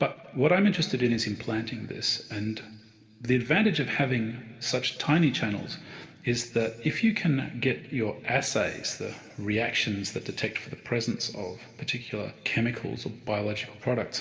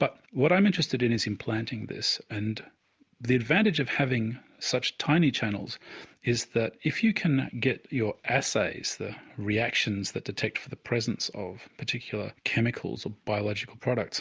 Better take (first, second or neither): second